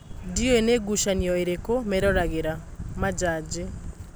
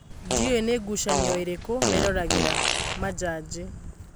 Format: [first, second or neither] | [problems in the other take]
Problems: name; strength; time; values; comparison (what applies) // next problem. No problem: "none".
first | background sound (Fart); 1 dB above the speech